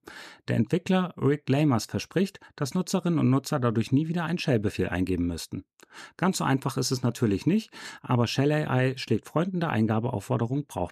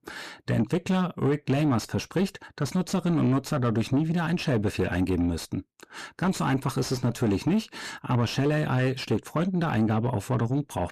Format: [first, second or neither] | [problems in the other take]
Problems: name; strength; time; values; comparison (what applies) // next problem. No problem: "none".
first | distortion; slight; 10 dB below the speech